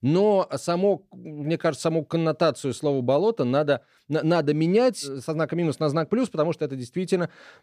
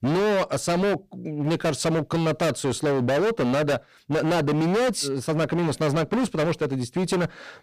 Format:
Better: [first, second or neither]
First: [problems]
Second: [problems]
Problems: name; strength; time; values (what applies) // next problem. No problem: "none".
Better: first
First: none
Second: distortion; heavy; 29% of the sound clipped